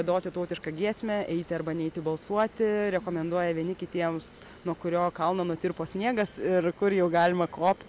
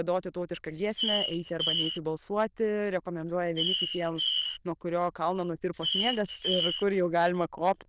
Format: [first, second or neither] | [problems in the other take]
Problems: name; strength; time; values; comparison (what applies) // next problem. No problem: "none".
first | noise reduction (neural diffusion model UNIVERSE++)